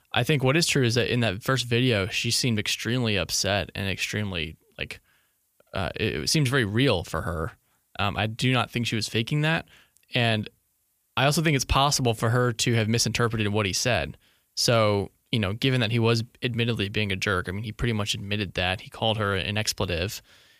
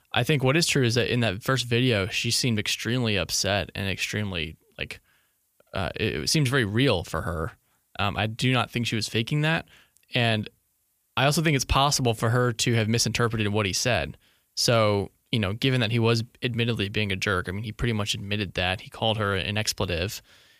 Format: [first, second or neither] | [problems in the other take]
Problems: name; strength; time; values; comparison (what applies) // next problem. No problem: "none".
neither | none